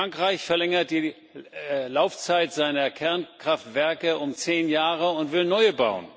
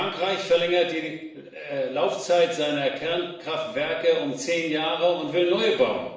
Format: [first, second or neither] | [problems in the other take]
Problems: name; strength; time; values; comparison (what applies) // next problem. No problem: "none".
first | room echo; dies away in 0.7 s